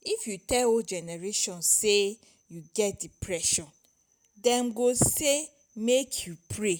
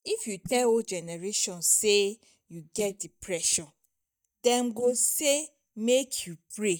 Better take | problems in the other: first | noise reduction (neural mask model DeepFilterNet 3)

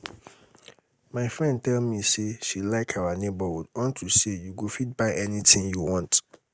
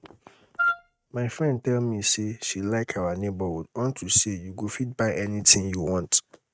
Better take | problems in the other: first | noise reduction (neural mask model RNNoise)

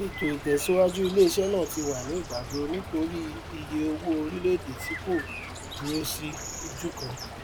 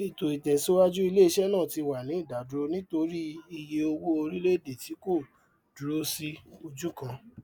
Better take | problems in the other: second | background sound (Bird + Stream / Trickle, dribble); 9 dB below the speech

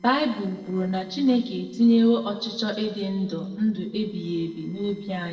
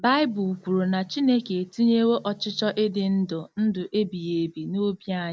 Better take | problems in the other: second | noise reduction (neural separator model SepFormer DNS4)

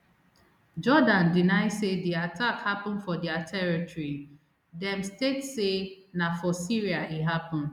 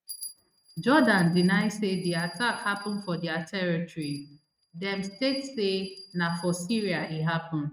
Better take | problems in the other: first | noise reduction (neural mask model RNNoise)

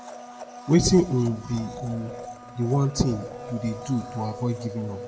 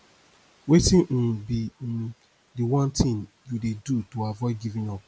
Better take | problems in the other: second | background sound (Domestic sounds, home sounds); 13 dB below the speech // room echo; dies away in 1.4 s

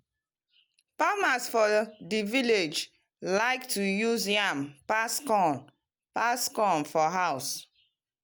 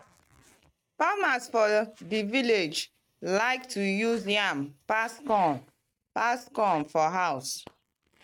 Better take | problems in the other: first | noise reduction (neural mask model RNNoise)

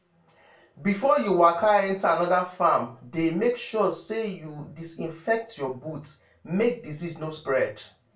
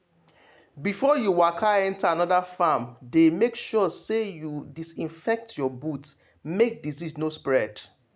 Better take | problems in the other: second | room echo; dies away in 0.2 s

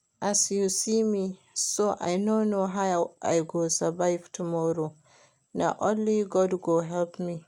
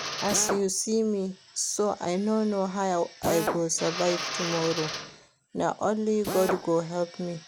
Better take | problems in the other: first | background sound (Drill + Drill); 8 dB below the speech

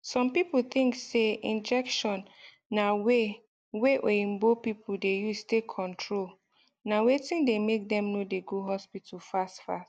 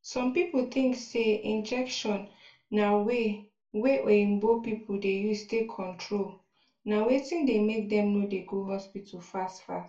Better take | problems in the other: first | room echo; dies away in 0.3 s

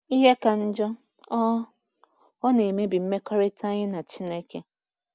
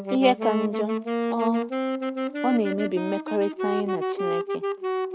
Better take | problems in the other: first | background sound (Wind instrument, woodwind instrument); 1 dB below the speech

